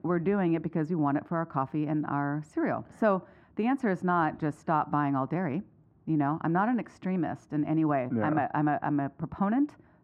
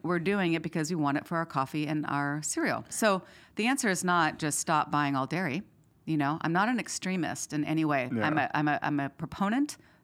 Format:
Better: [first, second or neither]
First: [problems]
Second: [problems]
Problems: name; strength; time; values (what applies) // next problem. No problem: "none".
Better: second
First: muffled; very; fading above 3 kHz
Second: none